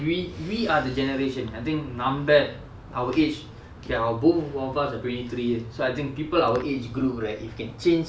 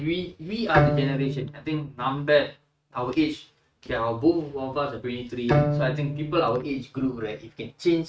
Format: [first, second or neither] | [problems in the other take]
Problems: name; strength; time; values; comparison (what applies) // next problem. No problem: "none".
first | noise reduction (neural mask model RNNoise)